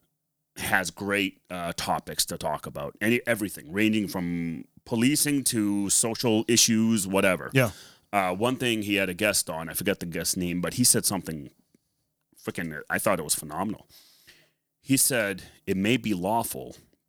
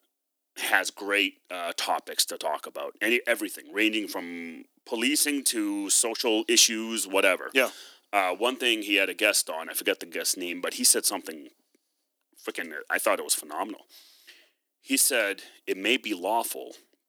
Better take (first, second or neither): first